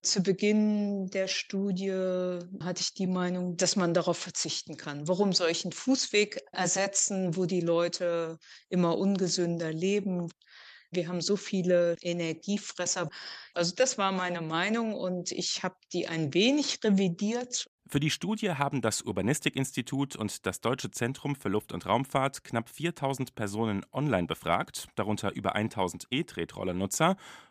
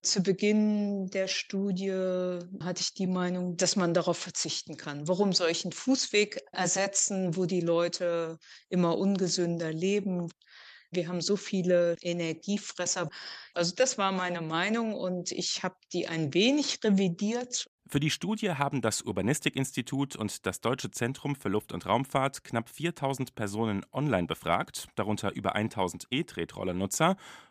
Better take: neither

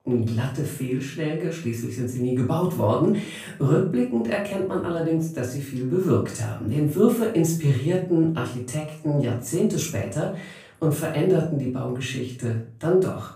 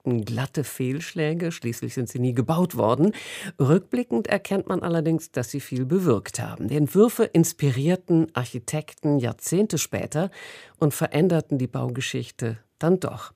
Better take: second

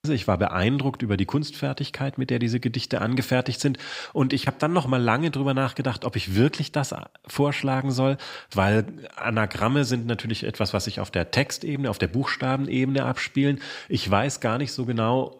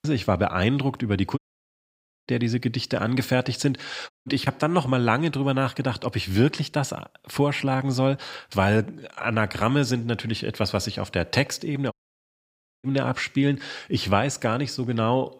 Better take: first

